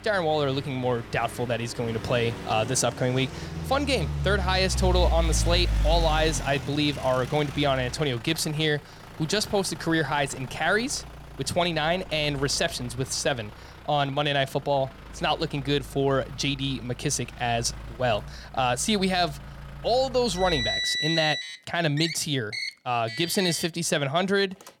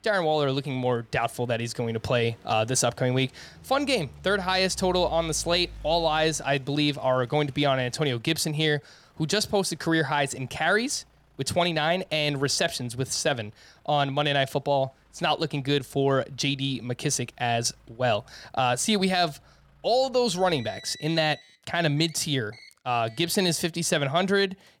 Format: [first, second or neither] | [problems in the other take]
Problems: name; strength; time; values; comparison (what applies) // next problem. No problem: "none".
second | traffic noise; loud; throughout; 7 dB below the speech; faint in the second